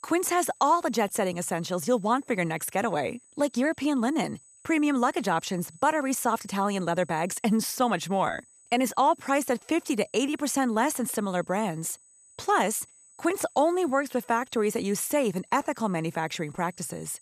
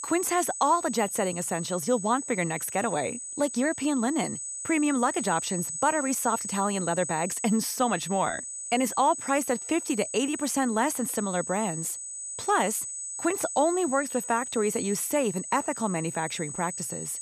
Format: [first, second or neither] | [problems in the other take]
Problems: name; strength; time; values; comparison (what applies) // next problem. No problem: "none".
first | high-pitched whine; loud; throughout; 8 kHz, 6 dB below the speech; faint in the first